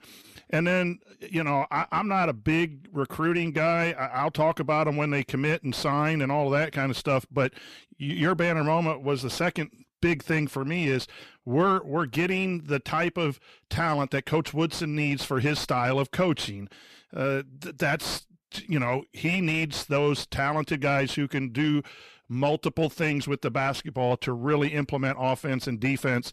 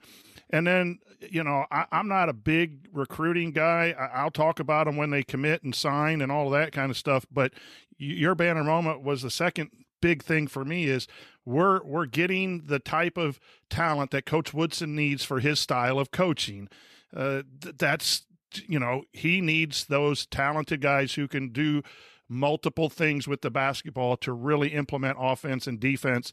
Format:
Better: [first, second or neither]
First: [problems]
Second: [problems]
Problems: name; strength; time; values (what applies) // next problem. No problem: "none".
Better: second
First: distortion; slight; 10 dB below the speech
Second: none